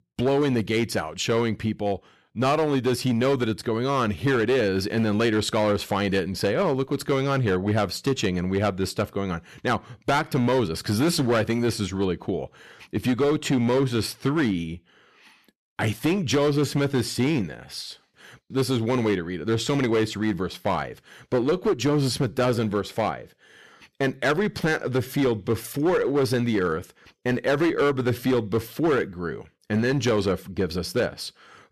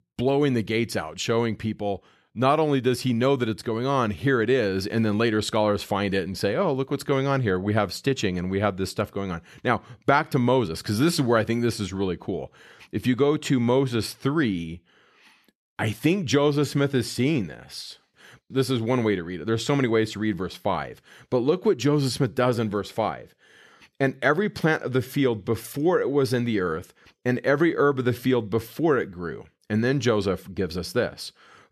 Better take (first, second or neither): second